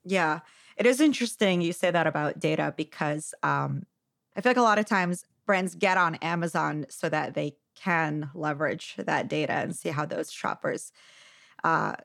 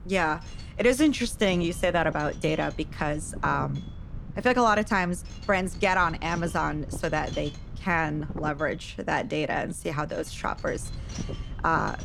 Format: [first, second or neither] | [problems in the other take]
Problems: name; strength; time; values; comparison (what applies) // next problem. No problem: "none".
first | wind noise on the microphone; occasional gusts; 20 dB below the speech